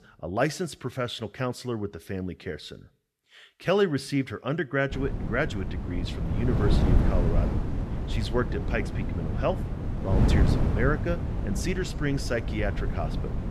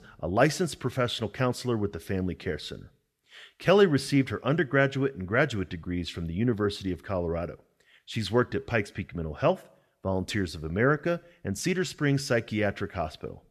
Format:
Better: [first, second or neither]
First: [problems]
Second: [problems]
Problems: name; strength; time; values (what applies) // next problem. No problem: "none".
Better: second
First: wind noise on the microphone; heavy; from 5 s on; 6 dB below the speech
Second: none